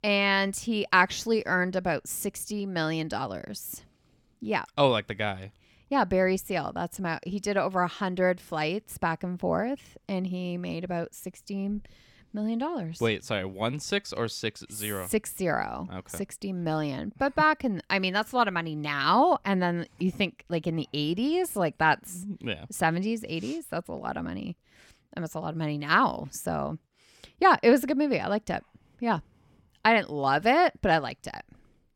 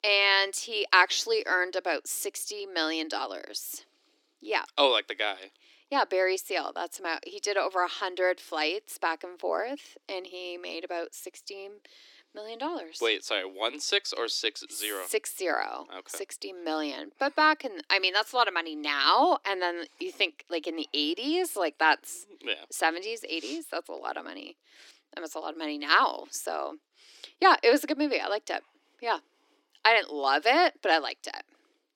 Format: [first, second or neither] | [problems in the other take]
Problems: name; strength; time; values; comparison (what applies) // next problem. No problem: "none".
first | thin; somewhat; fading below 300 Hz